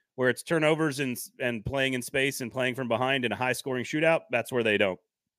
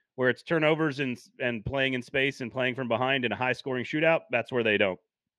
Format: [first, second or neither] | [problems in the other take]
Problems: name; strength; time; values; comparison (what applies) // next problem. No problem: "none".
first | muffled; slightly; fading above 3 kHz